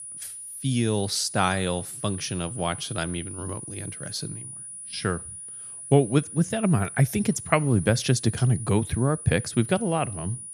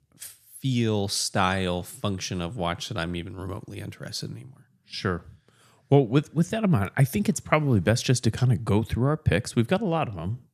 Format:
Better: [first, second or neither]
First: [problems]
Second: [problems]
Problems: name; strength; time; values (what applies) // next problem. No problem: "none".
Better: second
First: high-pitched whine; noticeable; throughout; 9.5 kHz, 10 dB below the speech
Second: none